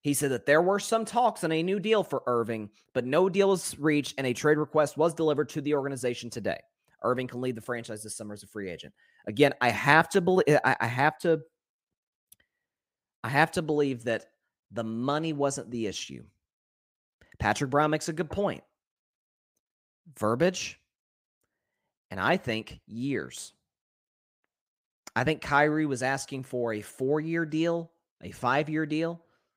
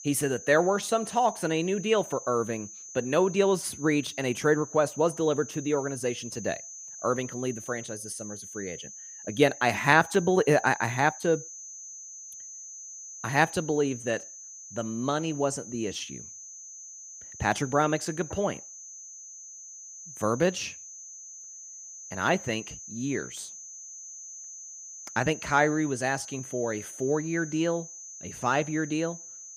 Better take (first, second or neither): first